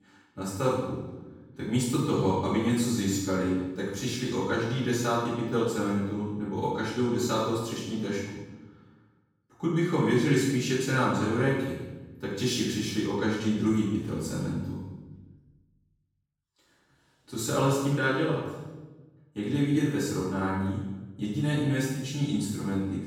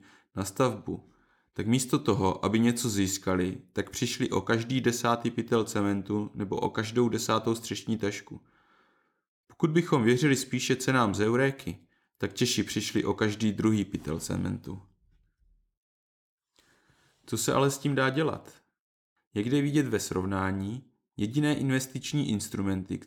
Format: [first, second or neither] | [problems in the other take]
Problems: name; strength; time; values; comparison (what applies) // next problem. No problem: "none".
second | off-mic speech; far // room echo; strong; dies away in 1 s